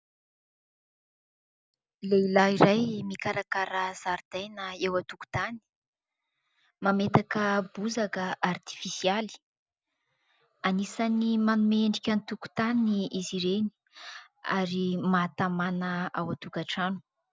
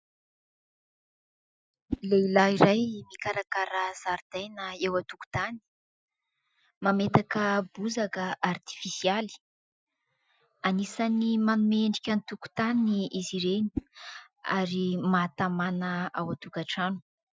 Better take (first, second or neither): first